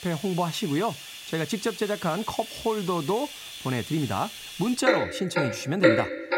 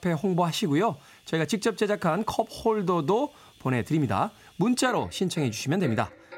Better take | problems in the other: second | household noises; loud; throughout; 2 dB below the speech; faint in the second

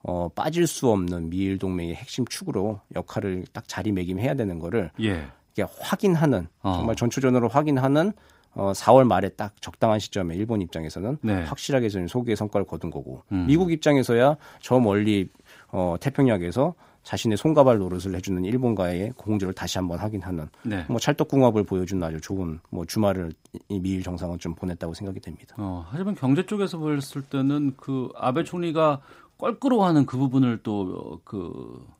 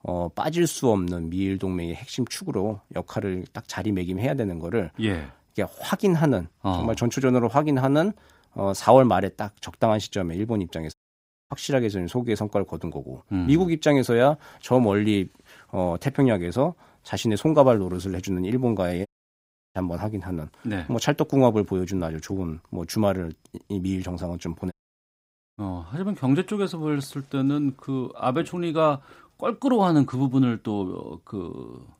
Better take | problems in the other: first | audio cutting out; at 11 s for 0.5 s, at 19 s for 0.5 s and at 25 s for 1 s

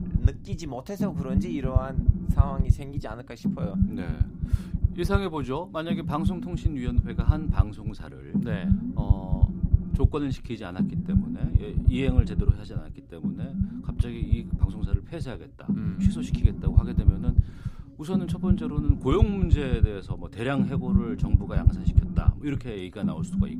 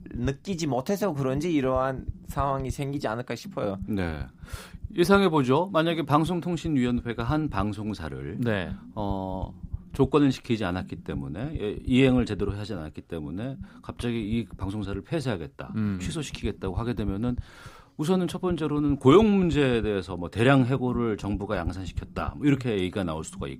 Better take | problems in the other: second | low rumble; loud; throughout; 2 dB below the speech; faint in the second

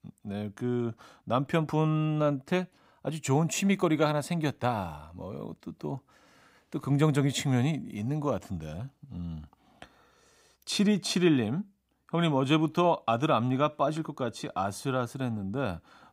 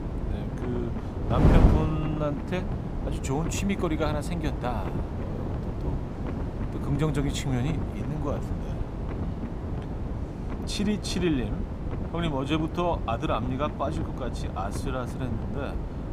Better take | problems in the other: first | wind noise on the microphone; heavy; 5 dB below the speech

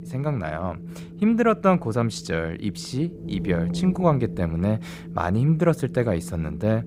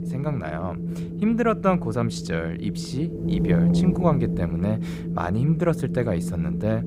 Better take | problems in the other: first | wind noise on the microphone; heavy; 6 dB below the speech; occasional gusts in the first

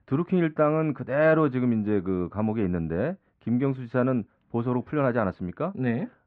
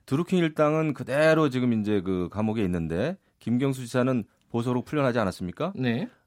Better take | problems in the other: second | muffled; very; fading above 2 kHz

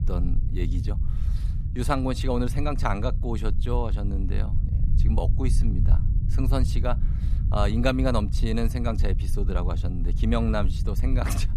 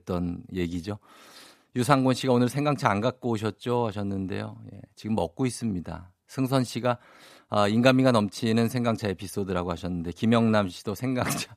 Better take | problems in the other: second | low rumble; noticeable; throughout; 10 dB below the speech

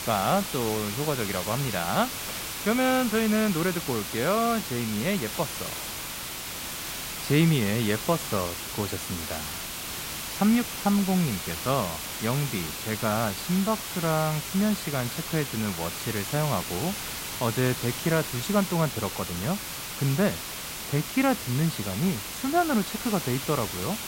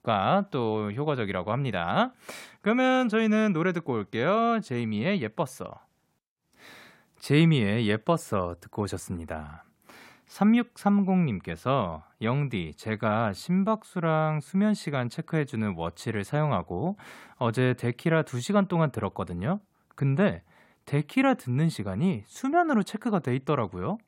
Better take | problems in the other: second | hiss; loud; throughout; 5 dB below the speech

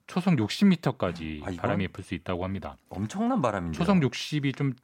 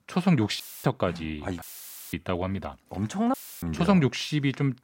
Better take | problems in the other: first | audio cutting out; filled with static; at 0.5 s, at 1.5 s for 0.5 s and at 3.5 s

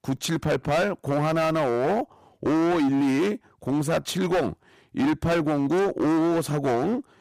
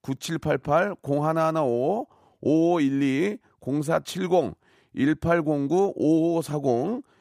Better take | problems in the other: second | distortion; heavy; 22% of the sound clipped

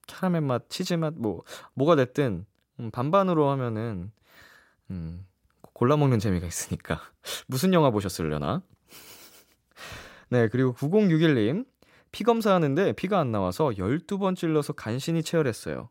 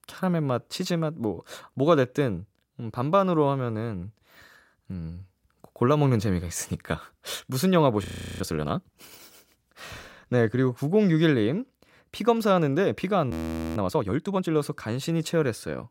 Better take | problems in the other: first | audio freezing; at 8 s and at 13 s

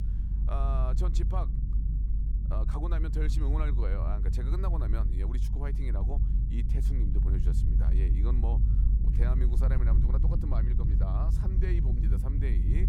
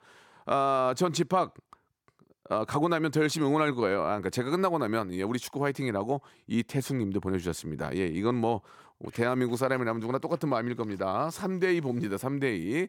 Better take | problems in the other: second | low rumble; loud; throughout; 4 dB below the speech

